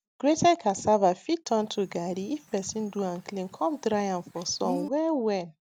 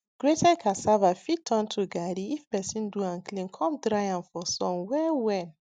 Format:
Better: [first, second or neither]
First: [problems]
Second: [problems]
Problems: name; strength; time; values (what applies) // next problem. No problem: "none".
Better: second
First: background sound (Bird); 15 dB below the speech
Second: none